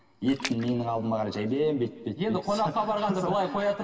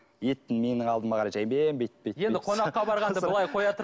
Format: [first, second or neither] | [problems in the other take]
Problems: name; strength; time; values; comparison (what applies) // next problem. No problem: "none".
second | background sound (Splash, splatter); 11 dB below the speech // room echo; dies away in 1.4 s